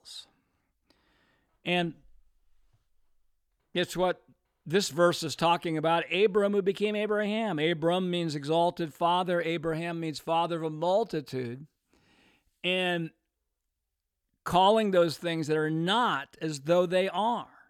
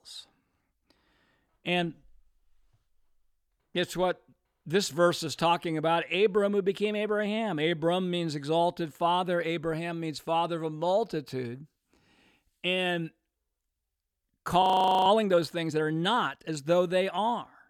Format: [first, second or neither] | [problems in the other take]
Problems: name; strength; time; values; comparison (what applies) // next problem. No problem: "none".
first | audio freezing; at 15 s